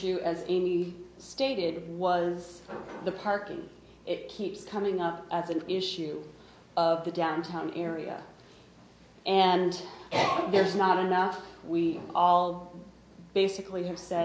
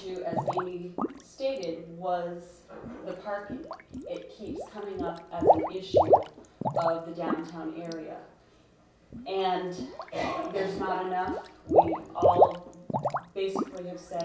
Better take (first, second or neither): first